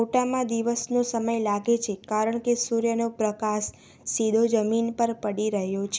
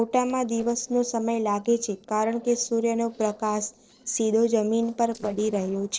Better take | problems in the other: first | noise reduction (neural separator model SepFormer DNS4)

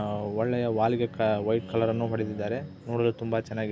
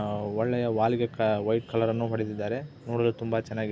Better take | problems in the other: second | background sound (Bowed string instrument); 17 dB below the speech

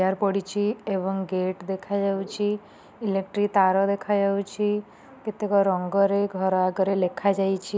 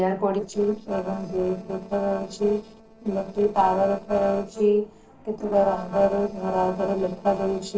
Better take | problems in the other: first | noise reduction (neural separator model SepFormer DNS4)

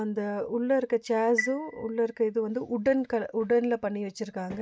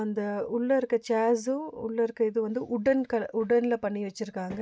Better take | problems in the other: second | background sound (Chime); 11 dB below the speech

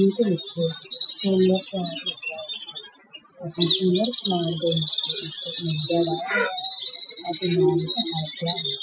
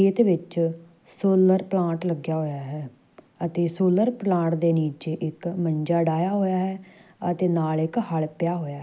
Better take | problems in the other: second | noise reduction (classical method Wiener filter)

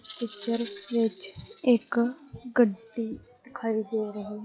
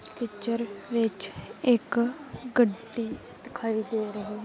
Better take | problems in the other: second | noise reduction (classical method log-MMSE)

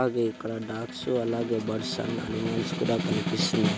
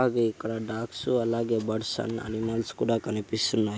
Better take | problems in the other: second | background sound (Snare drum); 3 dB below the speech

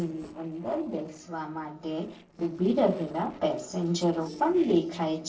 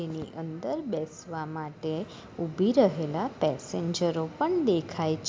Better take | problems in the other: second | noise reduction (neural separator model SepFormer DNS4)

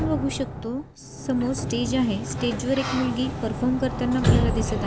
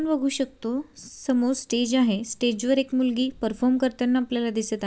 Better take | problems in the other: second | background sound (Sliding door); 1 dB below the speech

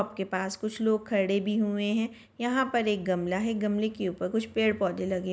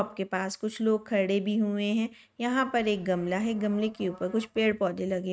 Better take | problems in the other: first | noise reduction (neural mask model RNNoise)

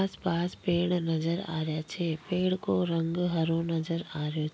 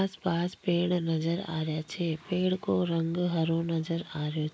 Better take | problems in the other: first | noise reduction (neural mask model Resemble Enhance denoiser)

